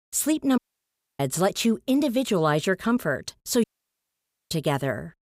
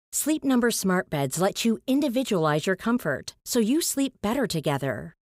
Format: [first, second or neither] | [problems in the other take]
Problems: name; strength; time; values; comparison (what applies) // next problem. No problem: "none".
second | audio cutting out; at 0.5 s for 0.5 s and at 3.5 s for 1 s